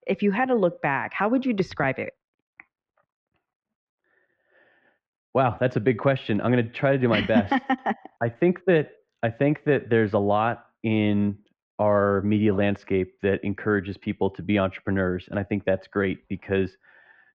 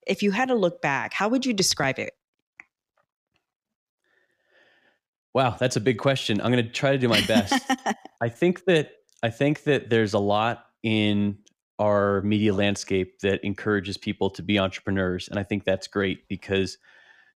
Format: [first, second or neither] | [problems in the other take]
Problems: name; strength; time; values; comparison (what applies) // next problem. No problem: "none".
second | muffled; very; fading above 2 kHz